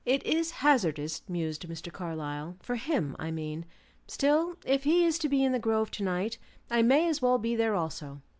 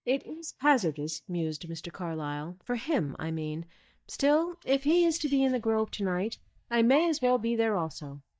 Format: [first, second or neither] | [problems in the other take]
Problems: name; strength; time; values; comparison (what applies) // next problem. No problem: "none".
first | noise reduction (neural mask model DeepFilterNet 3)